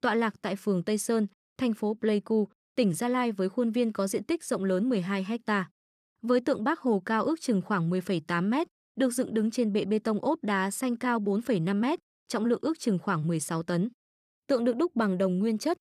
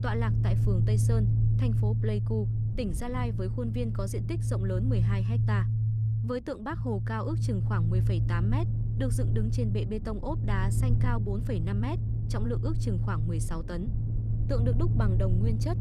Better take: first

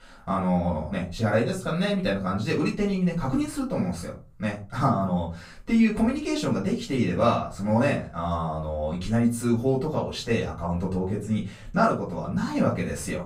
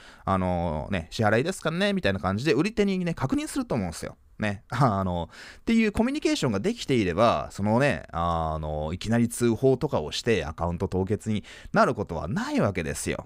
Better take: second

